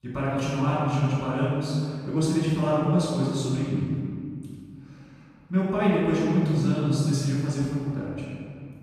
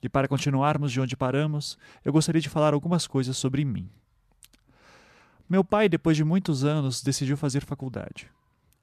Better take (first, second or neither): second